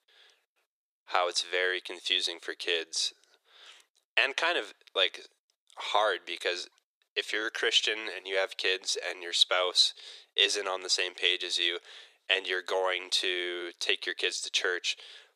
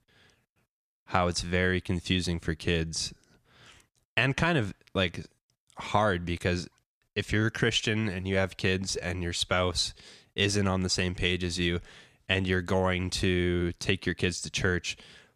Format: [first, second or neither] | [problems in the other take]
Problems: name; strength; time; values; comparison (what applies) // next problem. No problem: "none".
second | thin; very; fading below 400 Hz